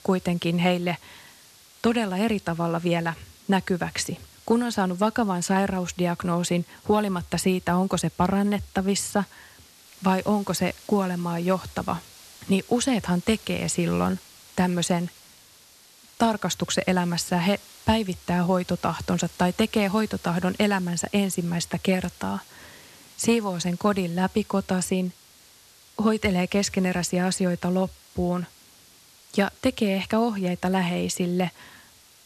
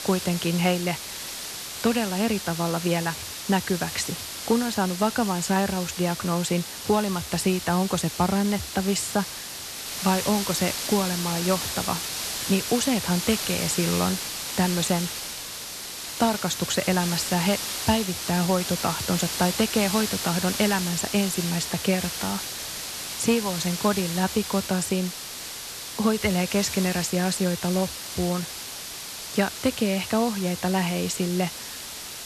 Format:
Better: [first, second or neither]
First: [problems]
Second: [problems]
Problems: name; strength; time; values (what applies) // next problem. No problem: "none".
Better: first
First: hiss; faint; throughout; 25 dB below the speech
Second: hiss; loud; throughout; 5 dB below the speech